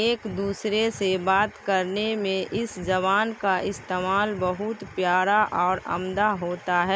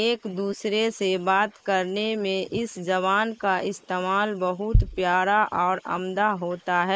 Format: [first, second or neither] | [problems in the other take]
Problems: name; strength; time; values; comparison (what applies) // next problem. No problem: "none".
first | noise reduction (neural mask model Resemble Enhance denoiser)